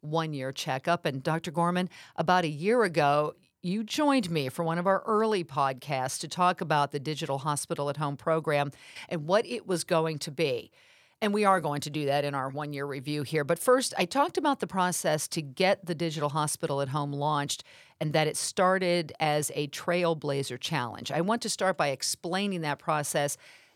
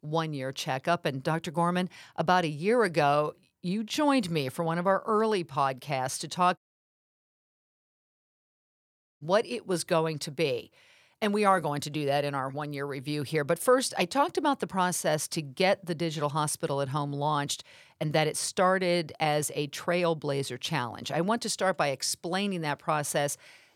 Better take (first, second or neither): first